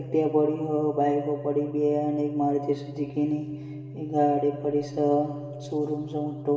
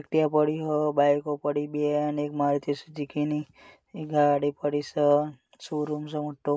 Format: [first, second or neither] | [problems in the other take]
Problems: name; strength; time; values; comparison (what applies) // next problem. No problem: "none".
second | background sound (Organ); 14 dB below the speech // room echo; dies away in 1.8 s